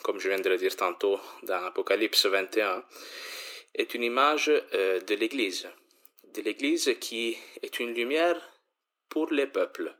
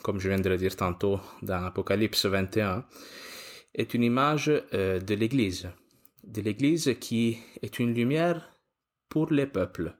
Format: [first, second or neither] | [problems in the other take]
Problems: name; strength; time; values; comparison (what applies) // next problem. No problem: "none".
second | thin; somewhat; fading below 350 Hz